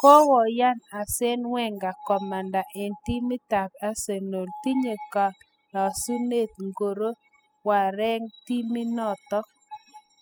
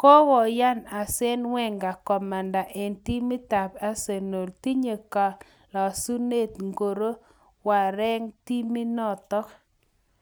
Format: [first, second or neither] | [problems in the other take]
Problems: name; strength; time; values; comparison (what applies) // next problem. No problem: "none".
second | noise reduction (classical method spectral subtraction)